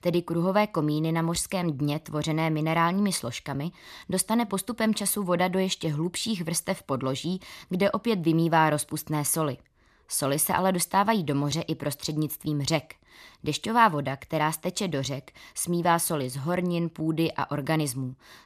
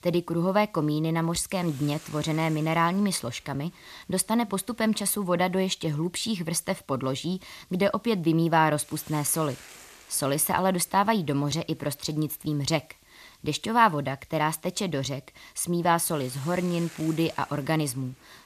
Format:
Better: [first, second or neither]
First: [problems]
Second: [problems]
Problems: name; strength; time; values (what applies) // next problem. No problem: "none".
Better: first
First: none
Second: hiss; faint; throughout; 25 dB below the speech